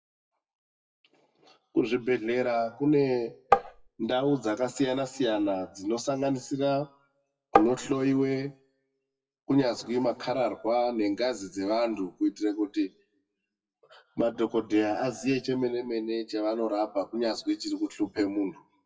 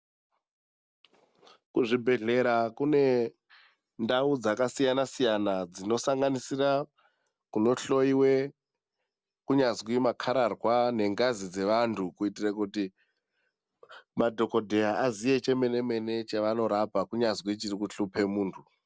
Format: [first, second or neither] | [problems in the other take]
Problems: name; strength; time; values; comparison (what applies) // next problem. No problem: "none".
second | noise reduction (classical method WPE with log-MMSE)